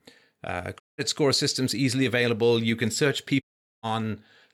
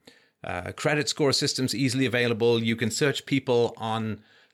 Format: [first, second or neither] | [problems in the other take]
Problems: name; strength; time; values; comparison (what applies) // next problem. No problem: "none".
second | audio cutting out; at 1 s and at 3.5 s